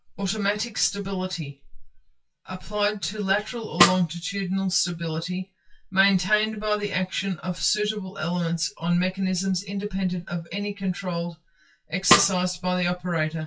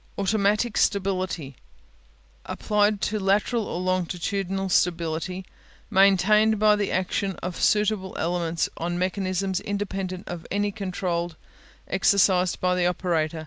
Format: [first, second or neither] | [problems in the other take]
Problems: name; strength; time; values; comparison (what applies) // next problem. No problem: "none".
second | noise reduction (classical method WPE with log-MMSE)